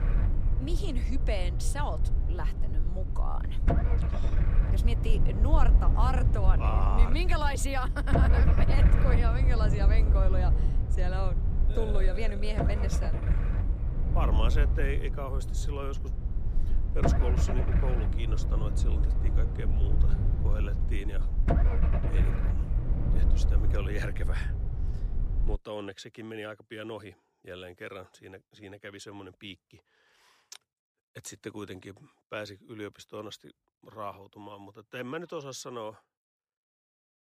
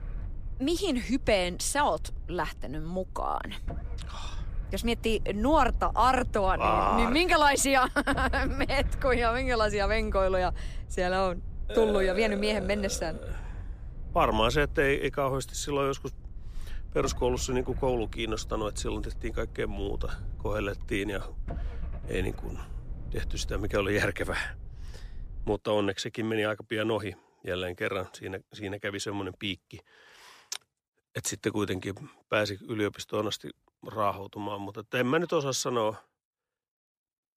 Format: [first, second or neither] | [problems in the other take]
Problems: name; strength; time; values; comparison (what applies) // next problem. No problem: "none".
second | low rumble; loud; until 26 s; 3 dB below the speech; faint in the second